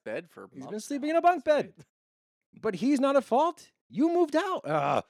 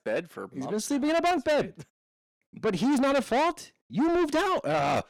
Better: first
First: none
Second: distortion; heavy; 6 dB below the speech

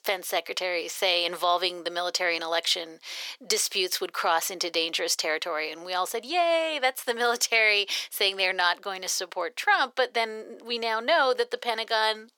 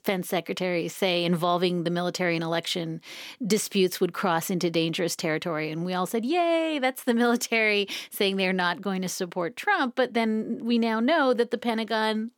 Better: second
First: thin; very; fading below 500 Hz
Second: none

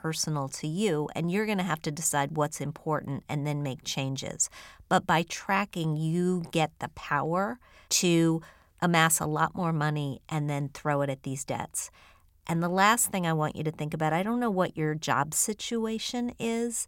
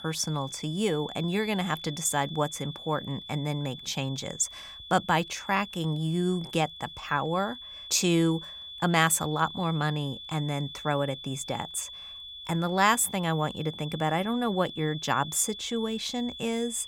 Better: first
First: none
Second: high-pitched whine; noticeable; throughout; 3.5 kHz, 10 dB below the speech

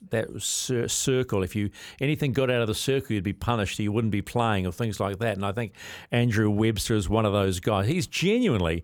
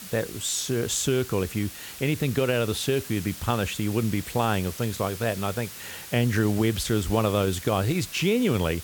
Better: first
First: none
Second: hiss; noticeable; throughout; 10 dB below the speech

